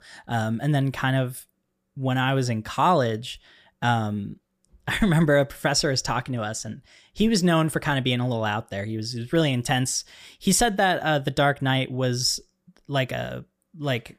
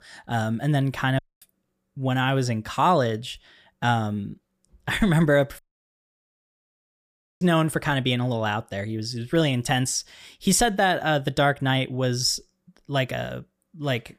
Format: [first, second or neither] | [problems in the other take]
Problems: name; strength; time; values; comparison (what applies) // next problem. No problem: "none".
first | audio cutting out; at 1 s and at 5.5 s for 2 s